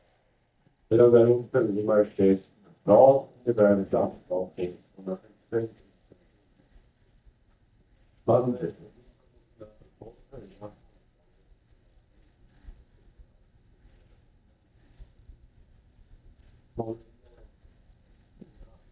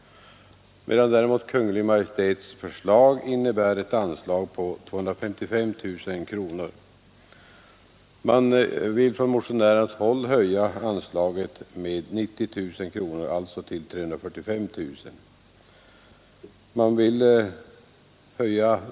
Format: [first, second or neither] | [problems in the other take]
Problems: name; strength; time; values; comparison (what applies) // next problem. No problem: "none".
second | noise reduction (neural mask model DeepFilterNet 3)